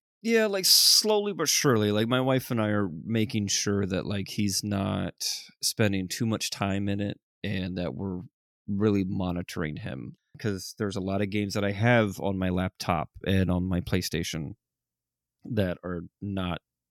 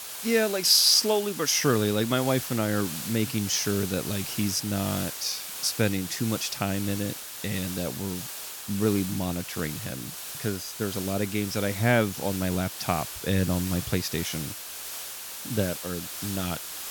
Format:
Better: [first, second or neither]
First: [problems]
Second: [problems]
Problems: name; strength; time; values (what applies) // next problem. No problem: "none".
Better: first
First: none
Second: hiss; loud; throughout; 8 dB below the speech